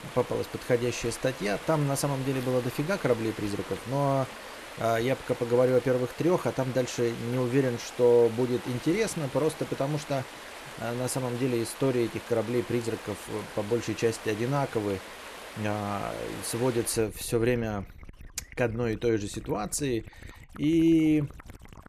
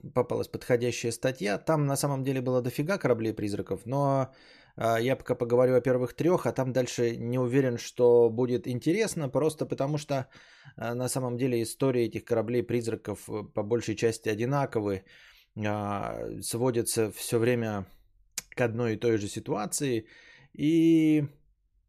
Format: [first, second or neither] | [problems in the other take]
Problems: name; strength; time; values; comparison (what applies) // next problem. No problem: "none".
second | rain or running water; noticeable; throughout; 15 dB below the speech